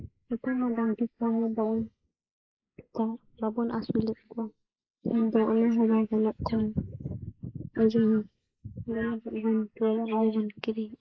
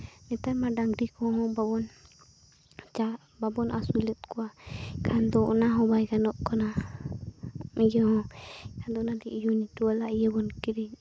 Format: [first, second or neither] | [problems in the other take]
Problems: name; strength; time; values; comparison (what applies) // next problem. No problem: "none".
second | noise reduction (neural mask model Resemble Enhance denoiser)